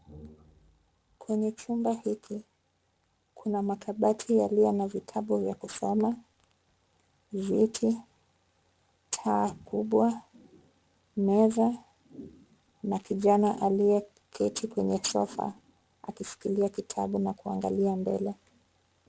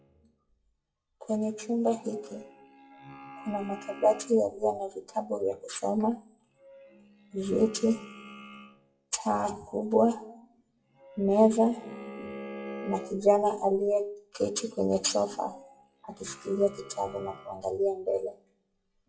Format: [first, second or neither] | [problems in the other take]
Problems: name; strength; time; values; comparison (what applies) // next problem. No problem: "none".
first | noise reduction (classical method WPE with log-MMSE)